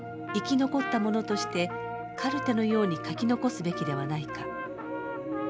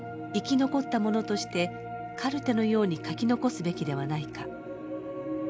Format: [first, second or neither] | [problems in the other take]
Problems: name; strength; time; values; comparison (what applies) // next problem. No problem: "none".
second | background sound (Trumpet); 9 dB below the speech